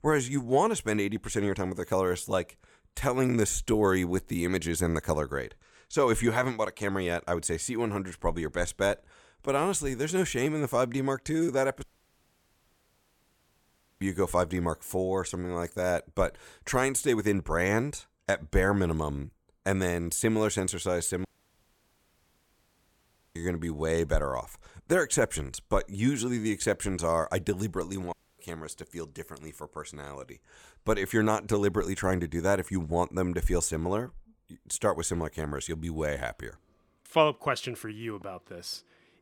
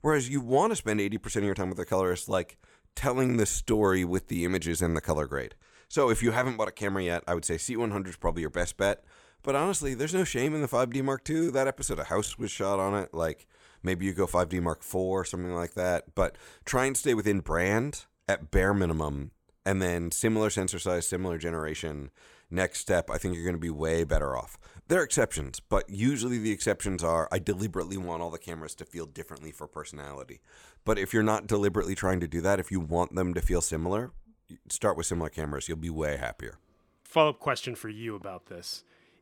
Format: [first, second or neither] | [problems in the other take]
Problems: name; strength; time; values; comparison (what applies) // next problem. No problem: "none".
second | audio cutting out; at 12 s for 2 s, at 21 s for 2 s and at 28 s